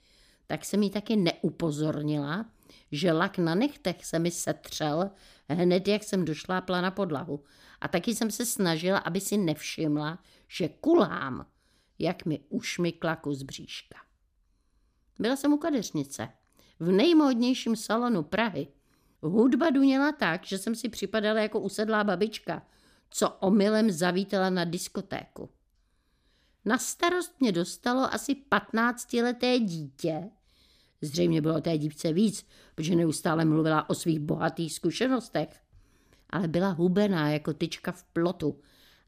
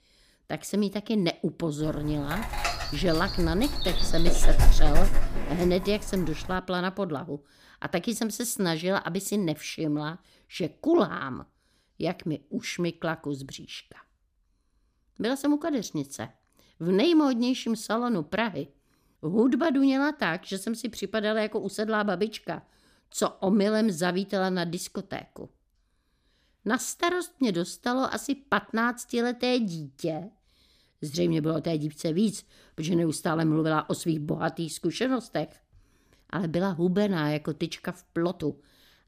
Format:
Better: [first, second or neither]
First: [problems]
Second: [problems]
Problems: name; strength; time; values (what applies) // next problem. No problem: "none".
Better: first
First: none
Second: dog barking; loud; from 2.5 to 5.5 s; peak 4 dB above the speech